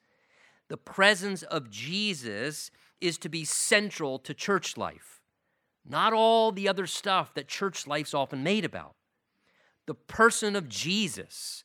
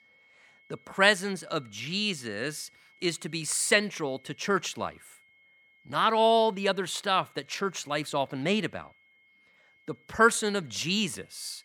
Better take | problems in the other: first | high-pitched whine; faint; throughout; 2 kHz, 30 dB below the speech

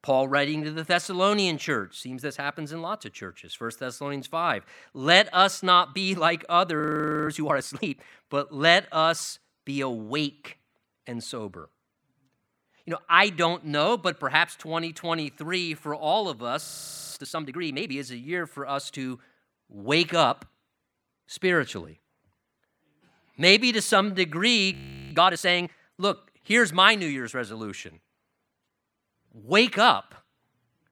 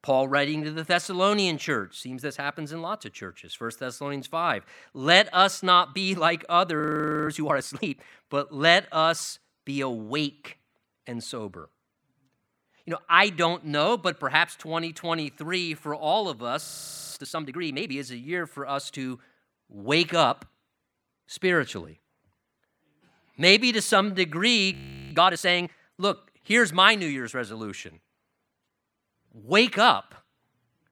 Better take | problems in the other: neither | audio freezing; at 7 s, at 17 s and at 25 s; the same in both

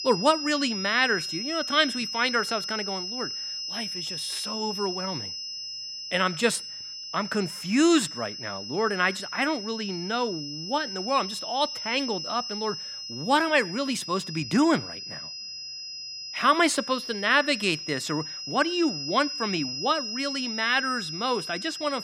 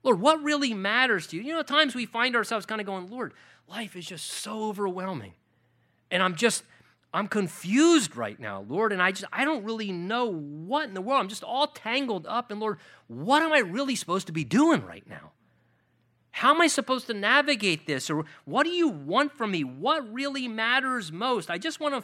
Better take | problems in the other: second | high-pitched whine; loud; throughout; 5 kHz, 6 dB below the speech

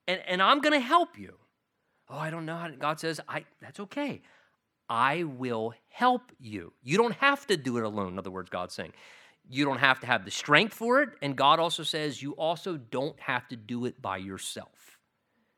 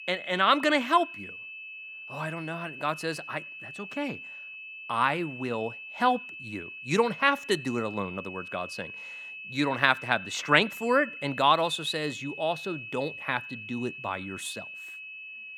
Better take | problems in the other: first | high-pitched whine; noticeable; throughout; 2.5 kHz, 10 dB below the speech

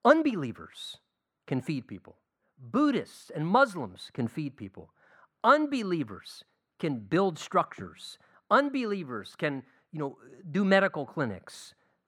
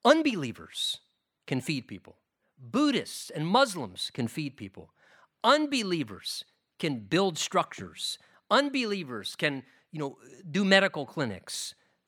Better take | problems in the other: second | muffled; slightly; fading above 2 kHz

